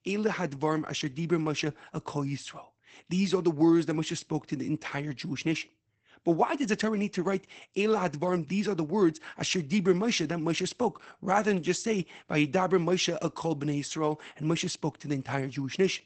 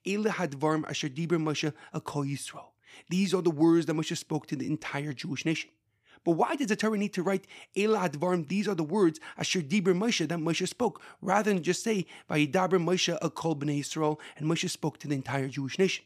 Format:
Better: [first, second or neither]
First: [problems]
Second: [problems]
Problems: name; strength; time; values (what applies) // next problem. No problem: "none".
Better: second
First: garbled, watery; badly; nothing above 8 kHz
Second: none